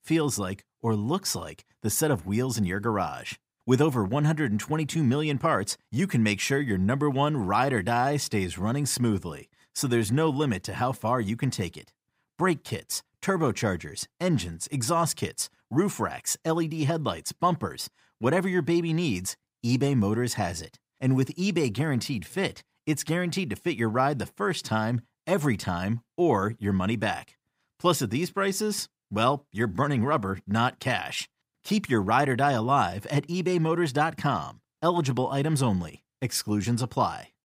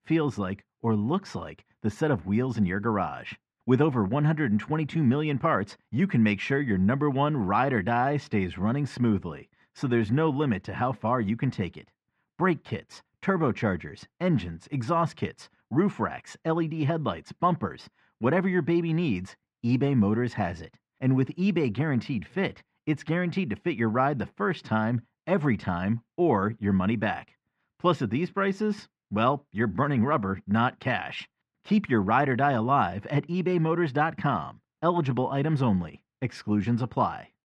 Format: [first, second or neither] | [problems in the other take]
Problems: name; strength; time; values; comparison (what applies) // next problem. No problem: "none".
first | muffled; very; fading above 2 kHz